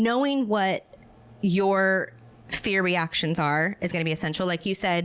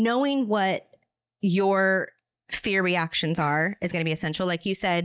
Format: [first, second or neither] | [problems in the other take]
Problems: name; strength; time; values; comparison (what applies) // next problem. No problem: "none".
first | noise reduction (neural mask model DeepFilterNet 3)